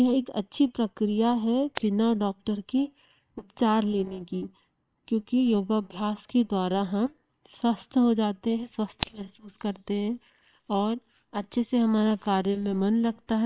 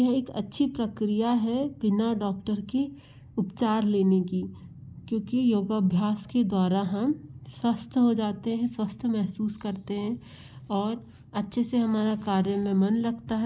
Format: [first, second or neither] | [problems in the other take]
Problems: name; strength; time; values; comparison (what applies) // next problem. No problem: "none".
second | noise reduction (neural separator model SepFormer WHAM!)